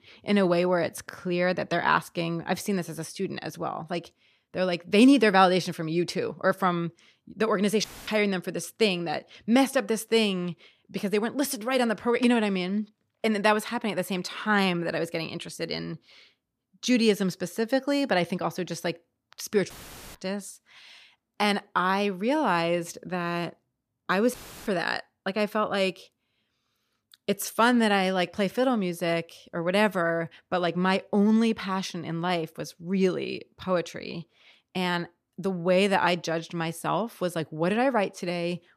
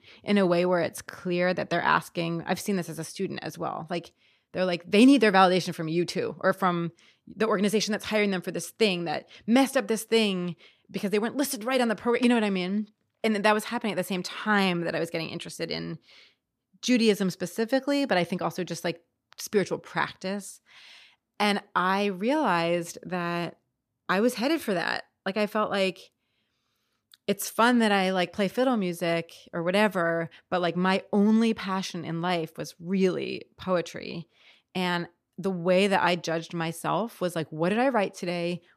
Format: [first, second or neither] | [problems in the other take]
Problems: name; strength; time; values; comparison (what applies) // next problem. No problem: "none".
second | audio cutting out; filled with static; at 8 s, at 20 s and at 24 s